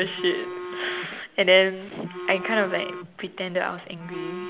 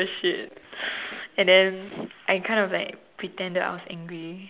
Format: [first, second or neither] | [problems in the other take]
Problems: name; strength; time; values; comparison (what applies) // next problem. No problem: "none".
second | background sound (Telephone); 11 dB below the speech